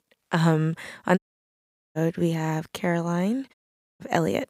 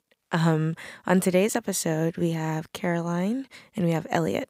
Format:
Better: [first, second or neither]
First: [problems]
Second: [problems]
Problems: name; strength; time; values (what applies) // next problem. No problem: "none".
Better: second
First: audio cutting out; at 1 s for 1 s and at 3.5 s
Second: none